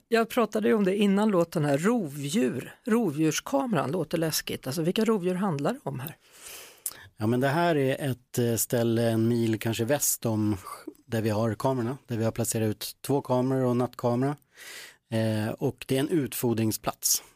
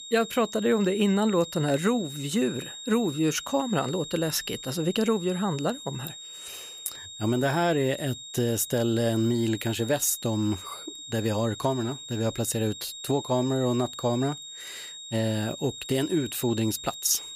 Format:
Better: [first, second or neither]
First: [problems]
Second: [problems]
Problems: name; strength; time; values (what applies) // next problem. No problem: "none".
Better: first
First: none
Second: high-pitched whine; noticeable; throughout; 3.5 kHz, 10 dB below the speech